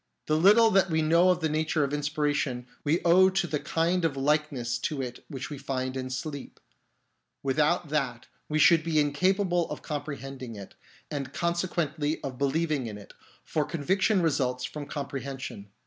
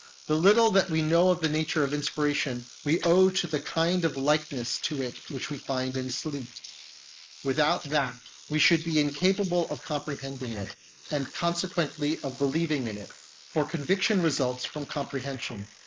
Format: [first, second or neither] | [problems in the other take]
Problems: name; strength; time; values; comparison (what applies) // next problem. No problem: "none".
first | noise reduction (neural mask model Resemble Enhance denoiser)